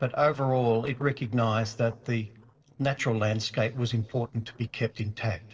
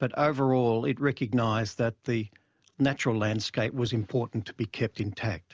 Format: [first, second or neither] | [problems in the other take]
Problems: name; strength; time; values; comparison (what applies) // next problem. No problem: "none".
second | noise reduction (neural separator model SepFormer DNS4)